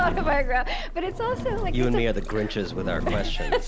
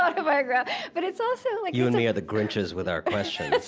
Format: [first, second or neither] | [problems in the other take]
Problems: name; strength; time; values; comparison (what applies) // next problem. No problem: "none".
second | background sound (Engine); 2 dB below the speech